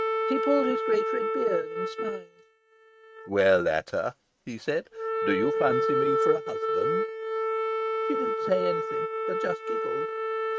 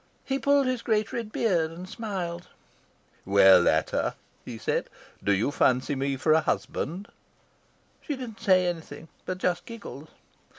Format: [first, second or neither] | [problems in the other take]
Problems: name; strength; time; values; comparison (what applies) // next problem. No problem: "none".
second | noise reduction (neural mask model RNNoise)